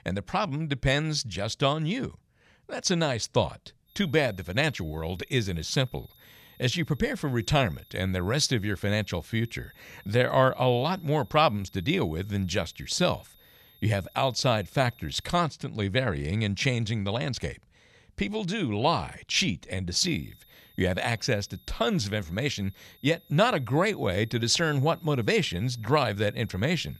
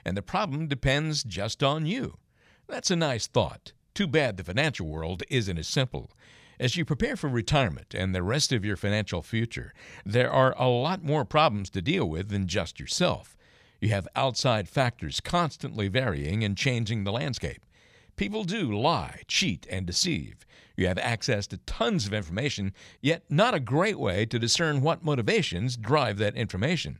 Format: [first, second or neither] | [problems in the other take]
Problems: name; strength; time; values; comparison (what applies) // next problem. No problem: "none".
second | high-pitched whine; faint; from 4 to 15 s and from 20 s on; 3.5 kHz, 30 dB below the speech